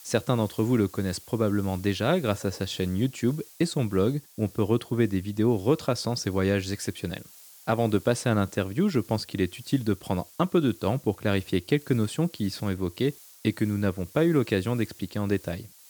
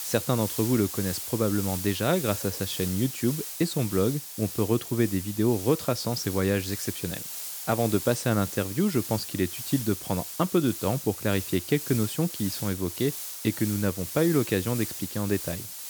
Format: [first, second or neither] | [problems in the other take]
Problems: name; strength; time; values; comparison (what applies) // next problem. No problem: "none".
first | hiss; loud; throughout; 7 dB below the speech; faint in the first